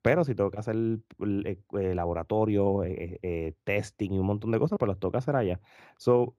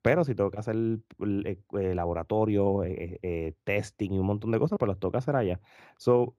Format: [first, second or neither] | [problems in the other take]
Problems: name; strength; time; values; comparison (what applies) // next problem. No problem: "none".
neither | none